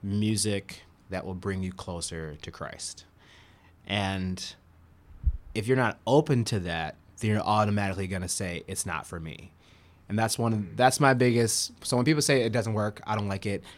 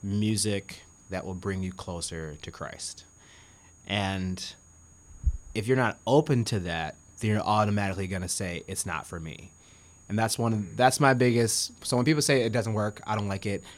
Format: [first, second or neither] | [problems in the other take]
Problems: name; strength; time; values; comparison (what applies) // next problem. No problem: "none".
first | high-pitched whine; faint; throughout; 6.5 kHz, 30 dB below the speech